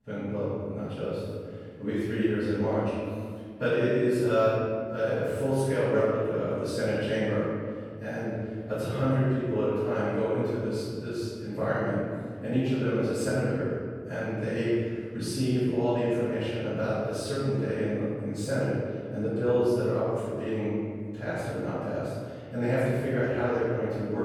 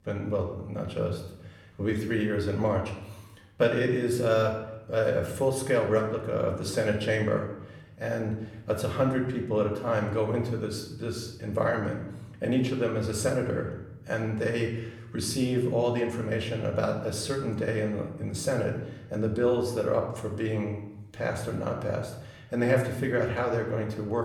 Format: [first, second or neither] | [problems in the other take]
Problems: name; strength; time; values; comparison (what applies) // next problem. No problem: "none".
second | room echo; strong; dies away in 2 s; slight in the second // off-mic speech; far; somewhat distant in the second